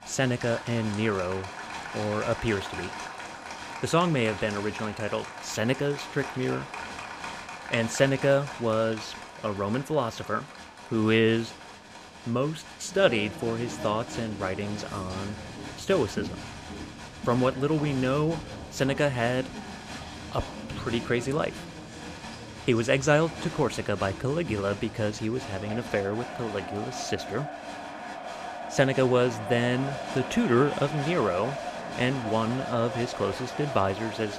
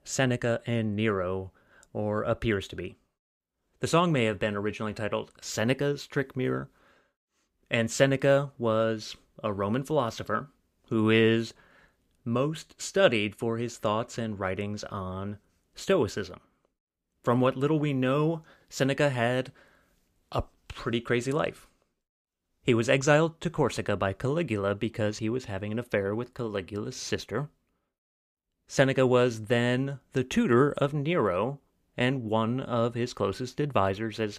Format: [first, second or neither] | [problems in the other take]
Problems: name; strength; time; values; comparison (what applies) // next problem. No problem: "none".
second | crowd noise; loud; throughout; 10 dB below the speech